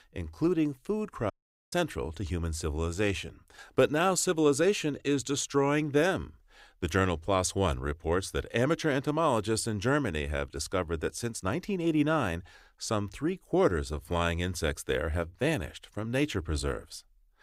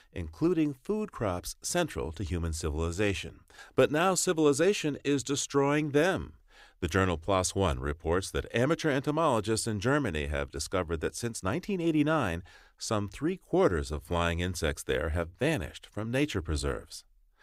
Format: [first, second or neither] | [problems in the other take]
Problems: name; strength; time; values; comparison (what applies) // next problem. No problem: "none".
second | audio cutting out; at 1.5 s